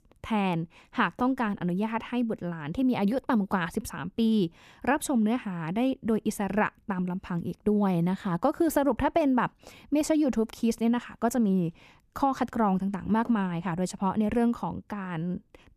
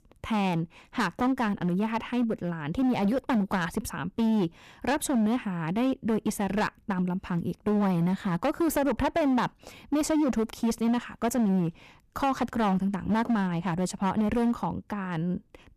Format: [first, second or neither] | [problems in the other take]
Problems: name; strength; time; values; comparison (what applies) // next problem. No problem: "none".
first | distortion; slight; 12% of the sound clipped